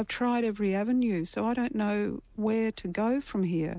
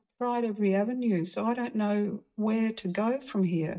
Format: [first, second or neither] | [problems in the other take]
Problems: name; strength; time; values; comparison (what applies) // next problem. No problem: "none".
first | noise reduction (neural mask model DeepFilterNet 3)